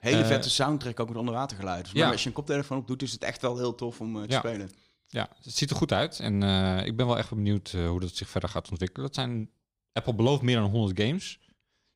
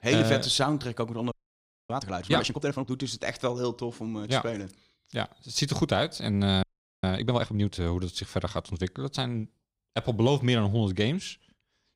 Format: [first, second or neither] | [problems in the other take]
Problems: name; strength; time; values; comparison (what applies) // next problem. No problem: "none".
first | audio freezing; at 1.5 s for 0.5 s and at 6.5 s